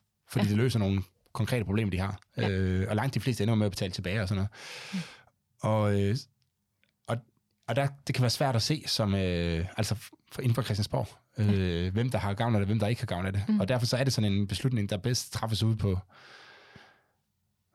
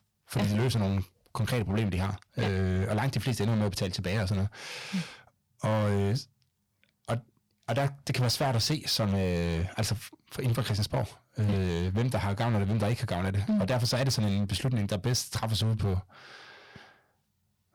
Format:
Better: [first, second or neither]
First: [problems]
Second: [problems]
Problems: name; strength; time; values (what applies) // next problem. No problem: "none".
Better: first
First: none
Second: distortion; slight; 12% of the sound clipped